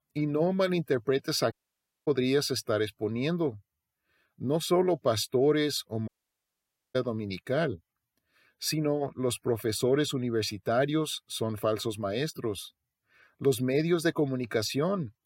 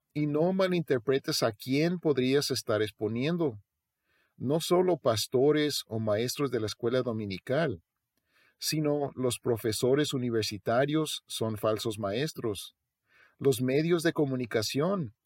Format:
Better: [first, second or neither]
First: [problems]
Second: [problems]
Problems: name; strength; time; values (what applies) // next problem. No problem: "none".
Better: second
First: audio cutting out; at 1.5 s for 0.5 s and at 6 s for 1 s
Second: none